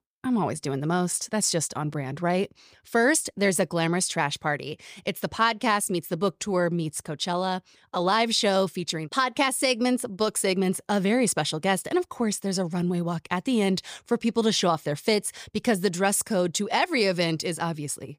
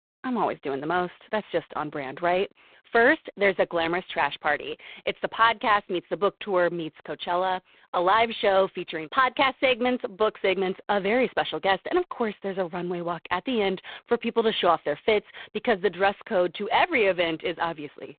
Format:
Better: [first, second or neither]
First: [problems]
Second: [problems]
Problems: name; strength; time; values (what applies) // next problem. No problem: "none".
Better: first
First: none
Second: phone-call audio; poor line; nothing above 3.5 kHz